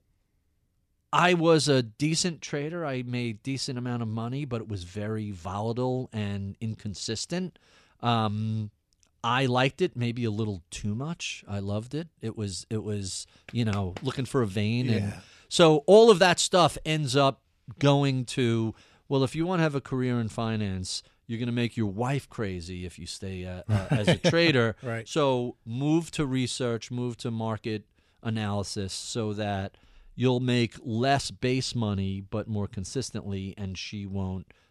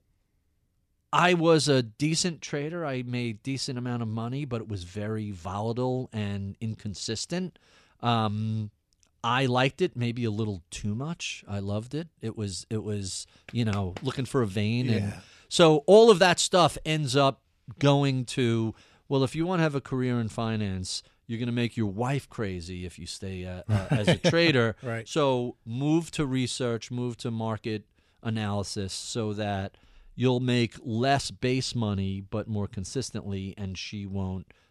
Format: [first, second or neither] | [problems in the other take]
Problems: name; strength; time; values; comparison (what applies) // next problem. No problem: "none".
neither | none